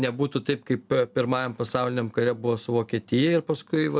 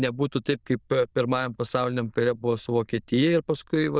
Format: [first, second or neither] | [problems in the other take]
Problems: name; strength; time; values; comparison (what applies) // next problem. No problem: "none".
first | noise reduction (neural diffusion model UNIVERSE++)